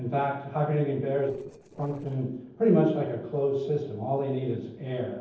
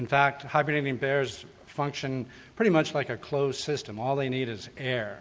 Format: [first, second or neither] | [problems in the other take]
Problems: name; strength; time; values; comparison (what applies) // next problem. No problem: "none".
second | noise reduction (neural separator model SepFormer DNS4)